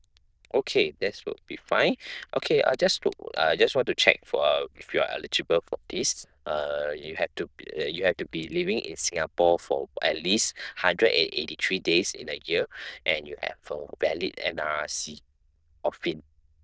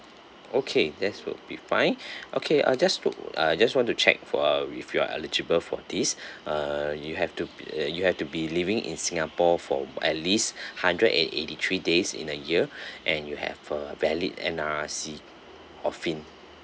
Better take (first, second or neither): second